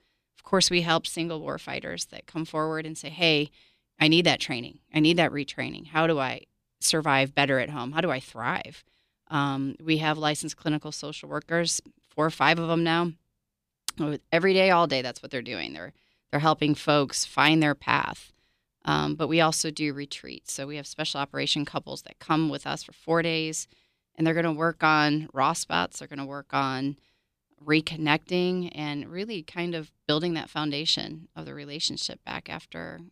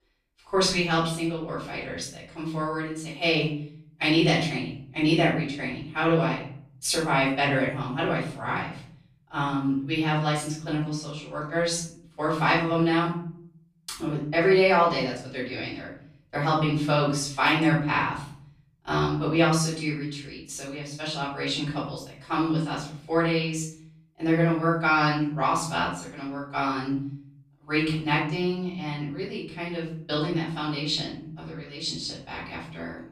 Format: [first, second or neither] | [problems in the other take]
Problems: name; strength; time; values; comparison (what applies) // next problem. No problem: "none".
first | off-mic speech; far // room echo; noticeable; dies away in 0.6 s